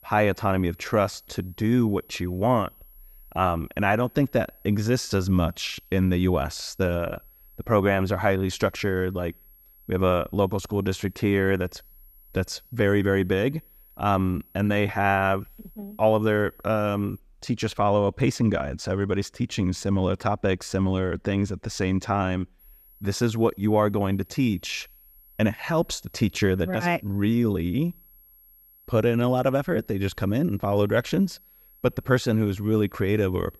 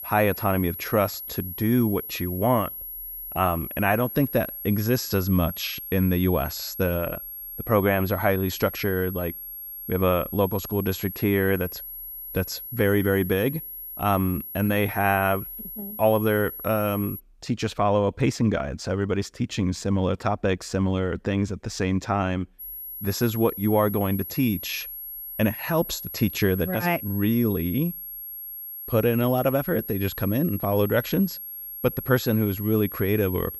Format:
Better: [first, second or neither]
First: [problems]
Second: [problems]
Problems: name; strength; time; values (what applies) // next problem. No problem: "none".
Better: first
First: high-pitched whine; faint; until 17 s and from 23 s on; 11.5 kHz, 25 dB below the speech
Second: high-pitched whine; loud; until 17 s and from 23 s on; 11.5 kHz, 9 dB below the speech